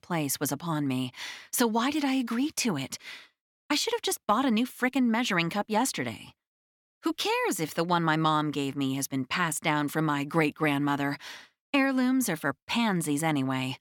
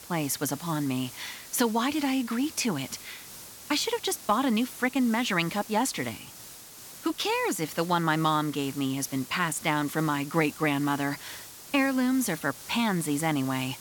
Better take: first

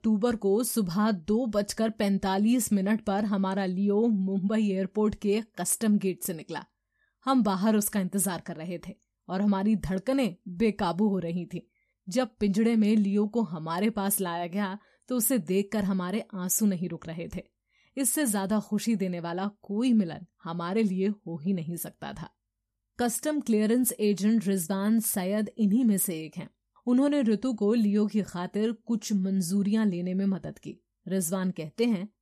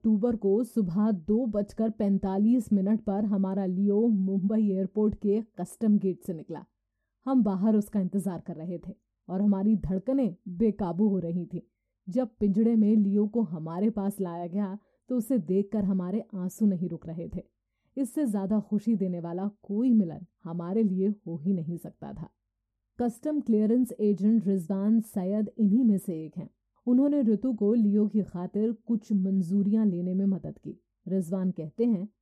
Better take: first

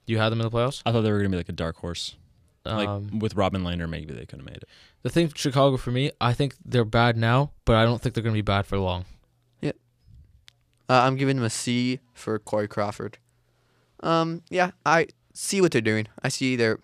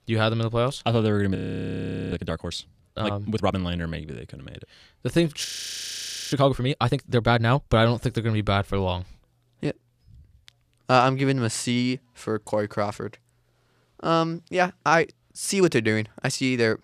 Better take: first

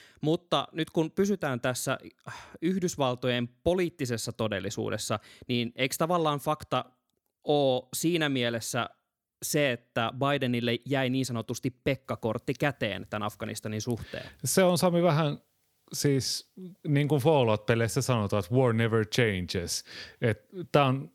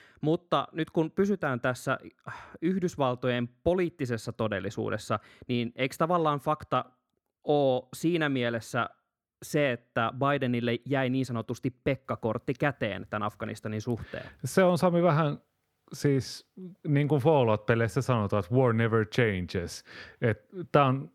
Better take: first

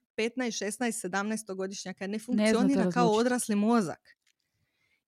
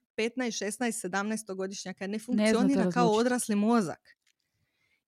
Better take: neither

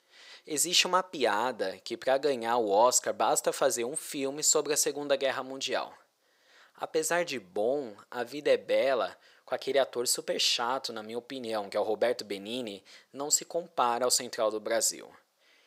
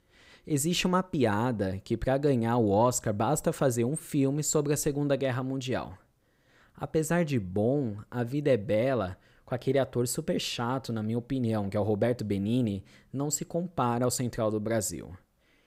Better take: second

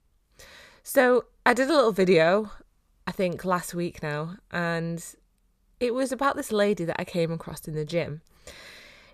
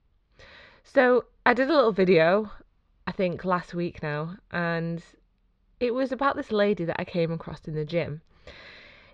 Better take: first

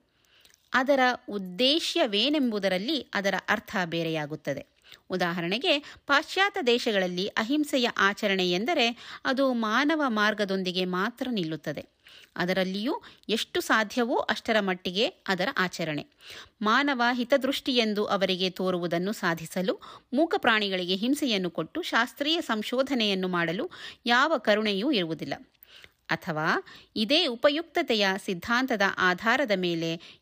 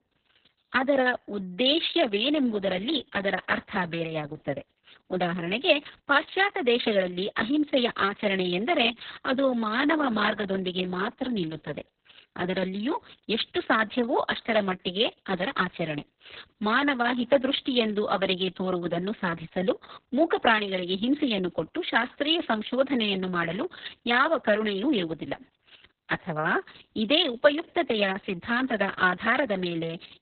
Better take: first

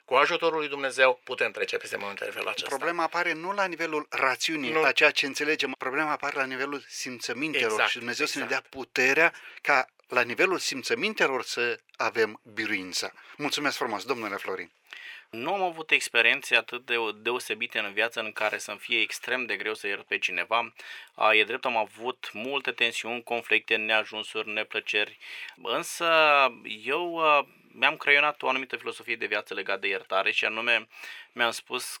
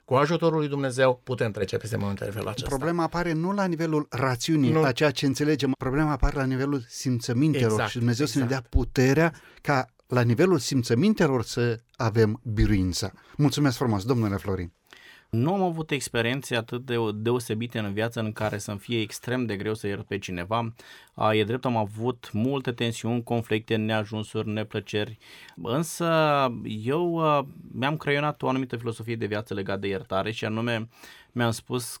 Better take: second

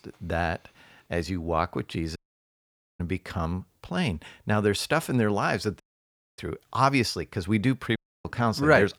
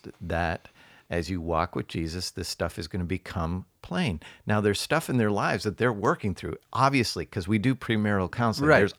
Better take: second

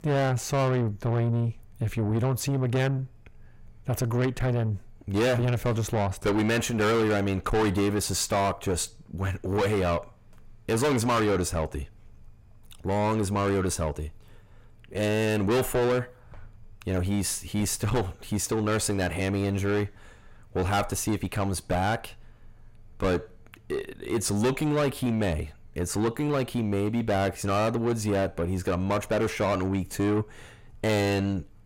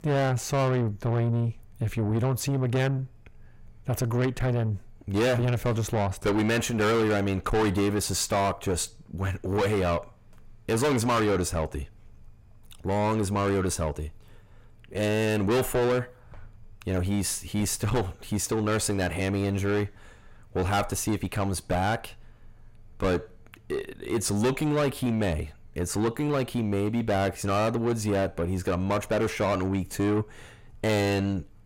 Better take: neither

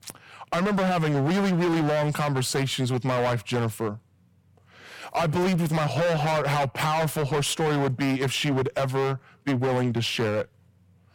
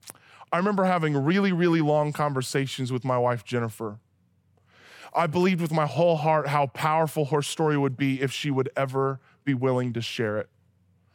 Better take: second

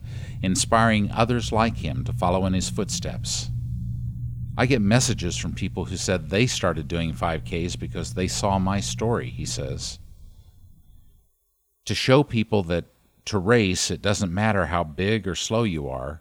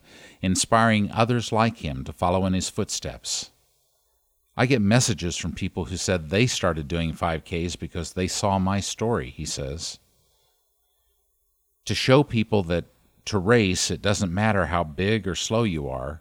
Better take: second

